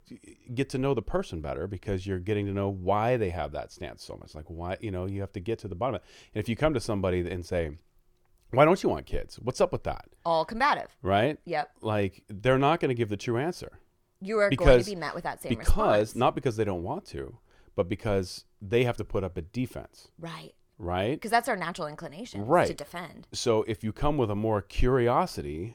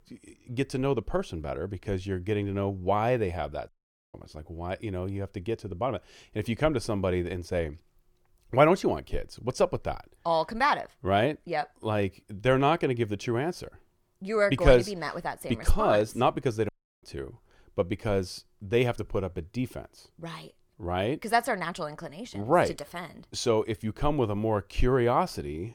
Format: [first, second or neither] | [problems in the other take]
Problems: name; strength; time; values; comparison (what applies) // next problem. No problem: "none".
first | audio cutting out; at 3.5 s and at 17 s